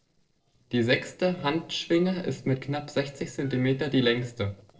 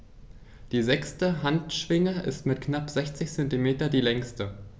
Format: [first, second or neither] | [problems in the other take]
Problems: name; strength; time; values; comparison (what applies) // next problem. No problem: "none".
second | noise reduction (neural separator model SepFormer DNS4)